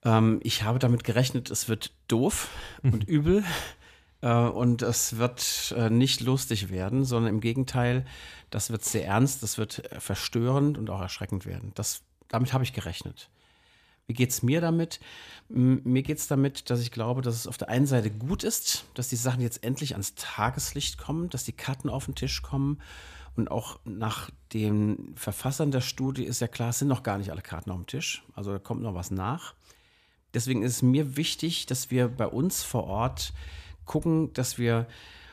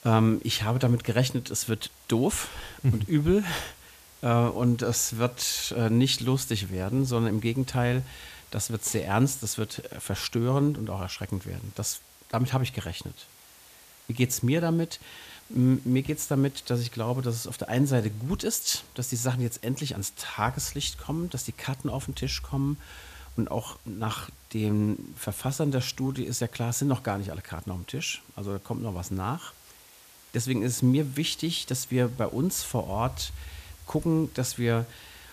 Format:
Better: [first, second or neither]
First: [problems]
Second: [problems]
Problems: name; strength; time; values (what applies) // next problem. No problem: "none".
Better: first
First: none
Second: hiss; faint; throughout; 25 dB below the speech